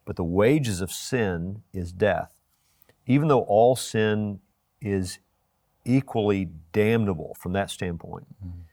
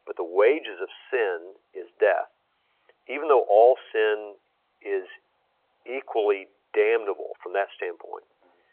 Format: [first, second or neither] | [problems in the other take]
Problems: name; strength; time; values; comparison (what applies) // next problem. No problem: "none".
first | phone-call audio